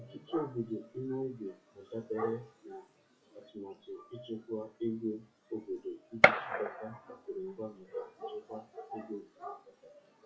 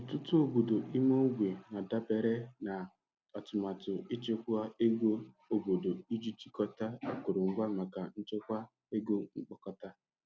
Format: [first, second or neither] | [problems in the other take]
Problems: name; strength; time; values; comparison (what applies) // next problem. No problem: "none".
second | noise reduction (classical method WPE with log-MMSE)